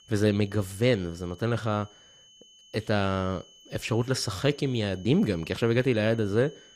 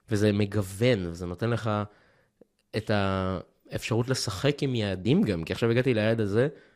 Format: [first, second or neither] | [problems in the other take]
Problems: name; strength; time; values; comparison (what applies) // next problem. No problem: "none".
second | high-pitched whine; faint; throughout; 3 kHz, 25 dB below the speech